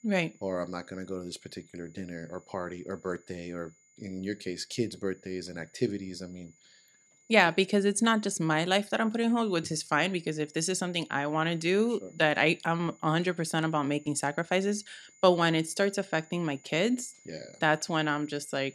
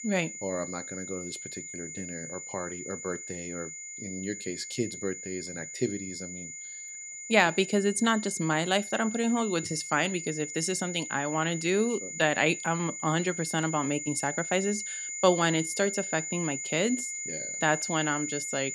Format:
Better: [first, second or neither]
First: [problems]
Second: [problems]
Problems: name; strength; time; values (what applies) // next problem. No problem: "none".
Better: first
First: high-pitched whine; faint; throughout; 7 kHz, 30 dB below the speech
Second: high-pitched whine; loud; throughout; 7 kHz, 7 dB below the speech